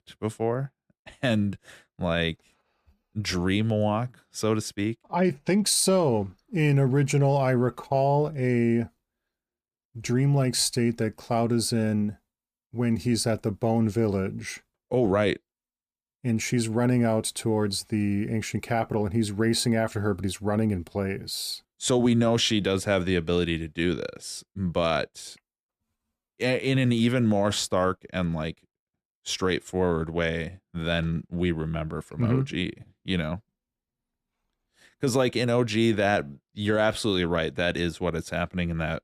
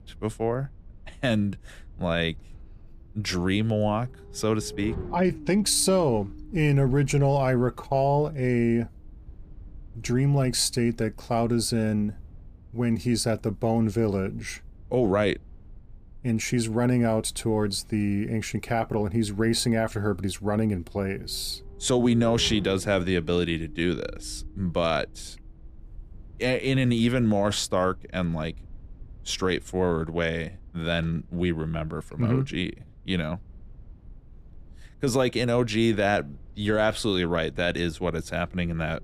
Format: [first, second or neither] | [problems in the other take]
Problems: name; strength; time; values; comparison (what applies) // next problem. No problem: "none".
first | low rumble; faint; throughout; 25 dB below the speech